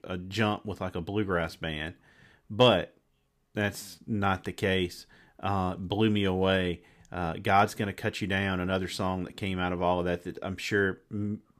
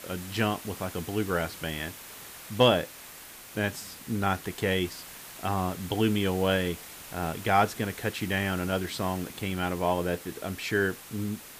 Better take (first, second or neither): first